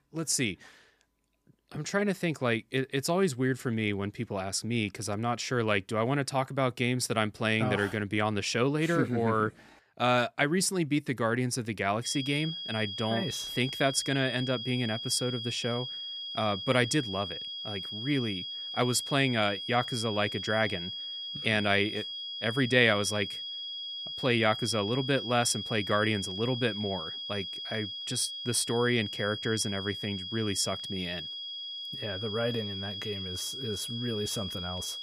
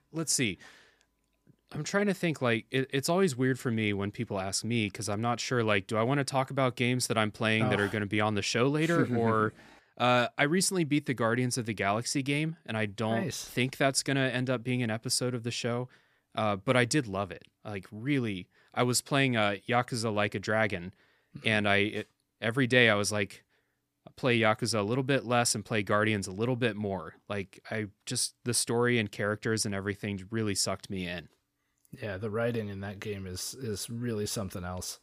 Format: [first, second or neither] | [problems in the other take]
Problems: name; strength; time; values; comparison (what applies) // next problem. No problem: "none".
second | high-pitched whine; loud; from 12 s on; 3.5 kHz, 6 dB below the speech